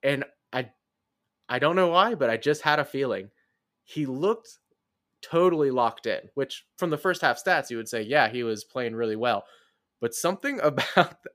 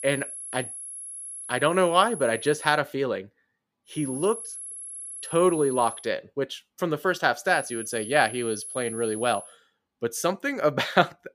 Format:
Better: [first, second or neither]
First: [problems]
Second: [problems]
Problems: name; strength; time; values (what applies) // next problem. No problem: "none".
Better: first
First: none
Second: high-pitched whine; noticeable; until 2.5 s, from 4 to 6 s and from 7.5 to 9.5 s; 11 kHz, 10 dB below the speech